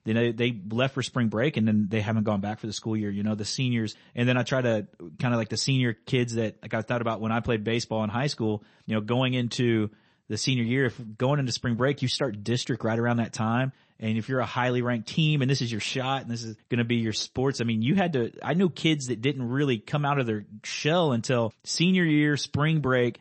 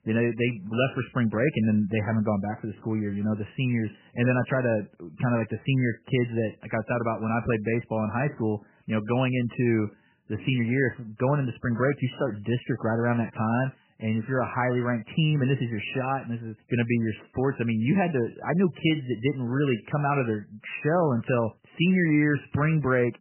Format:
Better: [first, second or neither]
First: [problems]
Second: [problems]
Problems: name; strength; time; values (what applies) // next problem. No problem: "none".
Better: first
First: garbled, watery; slightly; nothing above 8 kHz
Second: garbled, watery; badly; nothing above 3 kHz